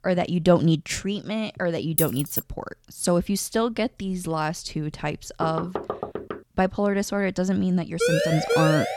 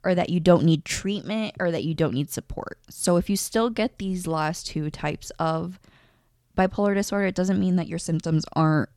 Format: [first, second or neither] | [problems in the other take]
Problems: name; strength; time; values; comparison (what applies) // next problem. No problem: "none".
second | jangling keys; loud; at 2 s; peak level with the speech // door banging; noticeable; at 5.5 s; peak 6 dB below the speech // siren; loud; at 8 s; peak 2 dB above the speech